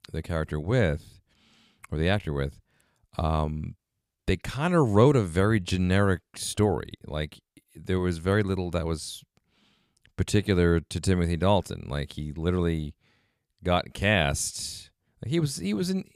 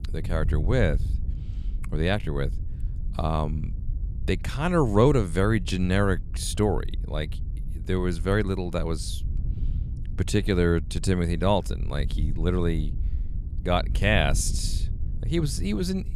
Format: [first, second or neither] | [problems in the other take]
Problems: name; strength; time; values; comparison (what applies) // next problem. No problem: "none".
first | wind noise on the microphone; occasional gusts; 20 dB below the speech